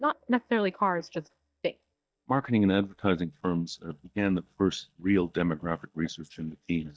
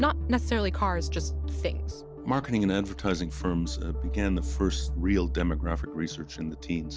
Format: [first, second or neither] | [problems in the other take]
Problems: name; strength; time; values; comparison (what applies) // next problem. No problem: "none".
second | noise reduction (neural mask model DeepFilterNet 3)